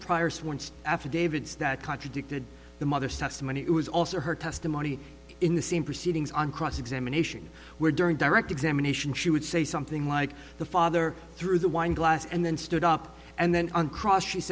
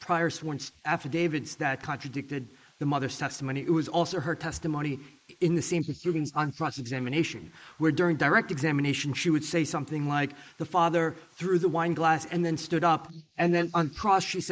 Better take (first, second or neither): first